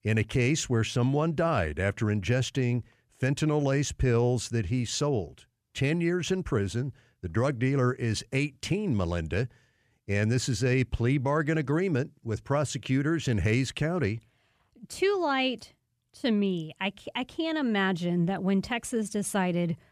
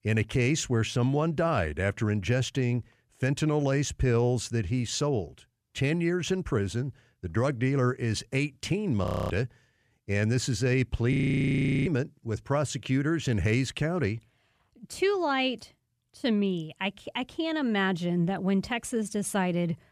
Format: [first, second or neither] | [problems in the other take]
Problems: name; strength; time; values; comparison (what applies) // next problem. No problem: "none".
first | audio freezing; at 9 s and at 11 s for 0.5 s